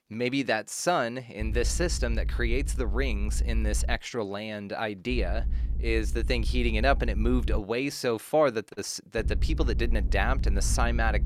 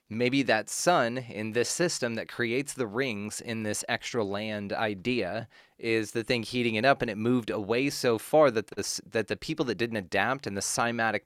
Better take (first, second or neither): second